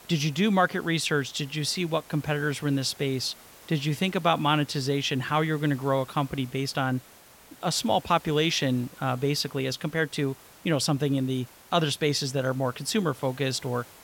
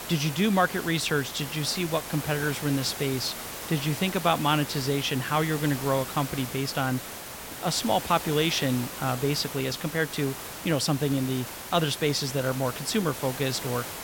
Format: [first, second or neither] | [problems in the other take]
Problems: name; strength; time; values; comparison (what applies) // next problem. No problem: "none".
first | hiss; loud; throughout; 8 dB below the speech; faint in the first